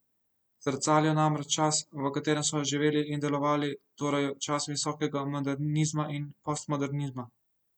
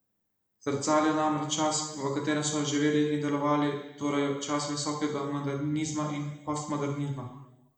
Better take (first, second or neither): first